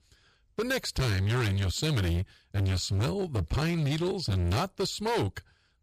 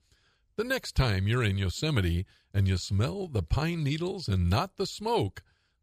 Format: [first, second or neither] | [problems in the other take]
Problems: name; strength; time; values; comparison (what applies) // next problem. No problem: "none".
second | distortion; heavy; 24% of the sound clipped